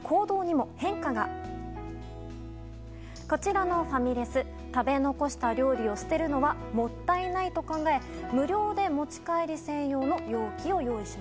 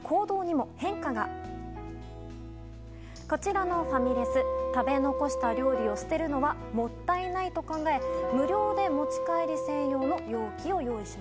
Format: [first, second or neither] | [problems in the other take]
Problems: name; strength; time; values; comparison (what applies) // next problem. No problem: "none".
first | background sound (Wind instrument, woodwind instrument); 3 dB below the speech